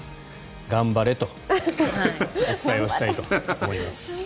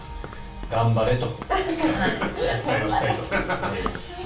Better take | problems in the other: first | background sound (Run); 15 dB below the speech // room echo; dies away in 0.3 s

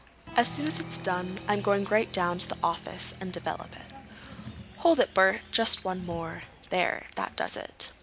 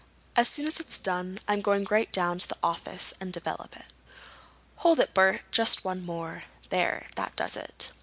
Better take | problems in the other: second | background sound (Applause); 14 dB below the speech

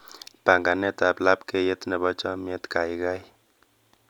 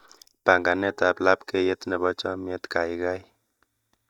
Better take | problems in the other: first | noise reduction (neural mask model DeepFilterNet 3)

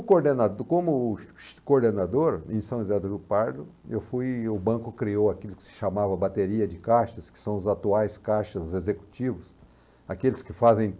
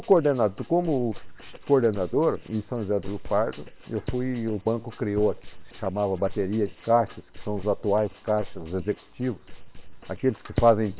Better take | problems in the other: first | noise reduction (neural separator model SepFormer WHAM!)

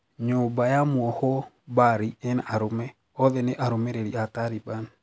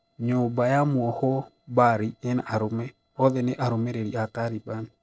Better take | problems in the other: first | noise reduction (neural separator model SepFormer DNS4)

